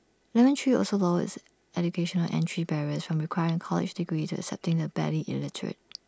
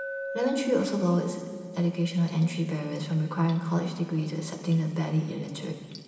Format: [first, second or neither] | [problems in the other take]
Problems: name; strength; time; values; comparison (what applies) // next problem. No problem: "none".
first | background sound (Glass); 13 dB below the speech // room echo; dies away in 2.4 s